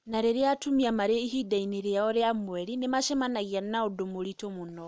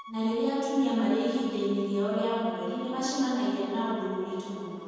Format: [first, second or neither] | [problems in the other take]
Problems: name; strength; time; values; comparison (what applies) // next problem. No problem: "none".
first | background sound (Bowed string instrument); 19 dB below the speech // room echo; dies away in 2.1 s